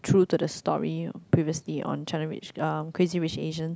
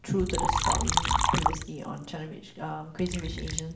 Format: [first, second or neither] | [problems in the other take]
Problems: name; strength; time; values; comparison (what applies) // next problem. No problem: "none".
first | background sound (Liquid); 4 dB above the speech // room echo; dies away in 1.1 s